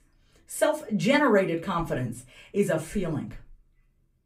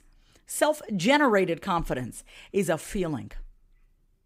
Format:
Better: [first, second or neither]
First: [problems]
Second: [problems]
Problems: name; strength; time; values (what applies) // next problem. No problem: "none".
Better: second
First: off-mic speech; somewhat distant // room echo; very slight; dies away in 0.2 s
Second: none